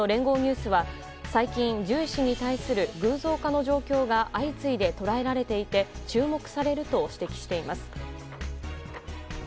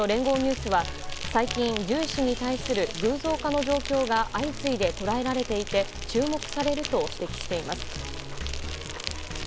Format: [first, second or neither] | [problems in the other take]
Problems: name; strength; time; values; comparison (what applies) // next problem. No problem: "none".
first | background sound (Insect); 8 dB below the speech